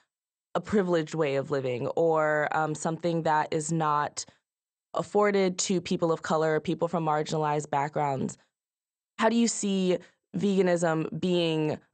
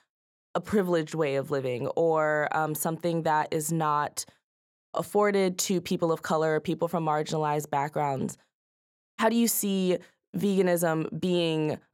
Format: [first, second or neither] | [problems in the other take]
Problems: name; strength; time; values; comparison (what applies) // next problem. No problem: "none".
second | garbled, watery; slightly; nothing above 8.5 kHz